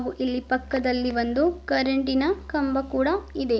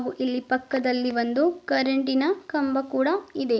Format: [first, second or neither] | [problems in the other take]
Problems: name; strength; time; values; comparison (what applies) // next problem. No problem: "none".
second | background sound (Musical instrument); 18 dB below the speech